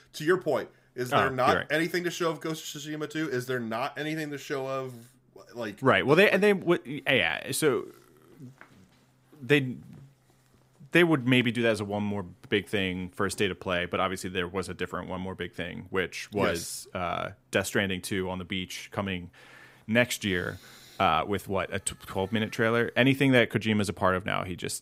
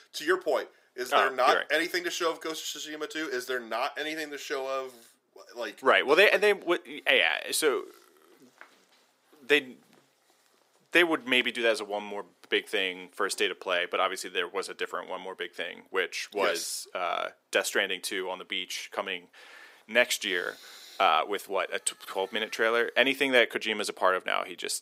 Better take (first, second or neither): first